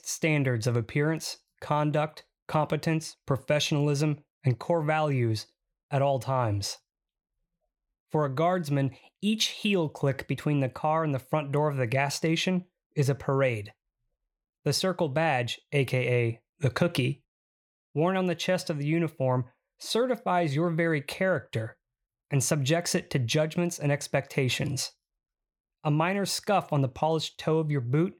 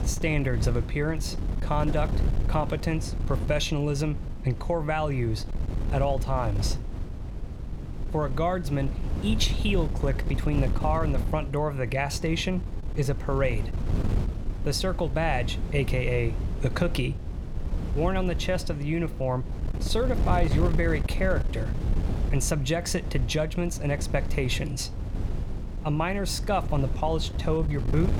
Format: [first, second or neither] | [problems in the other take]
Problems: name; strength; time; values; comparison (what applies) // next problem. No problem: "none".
first | wind noise on the microphone; occasional gusts; 10 dB below the speech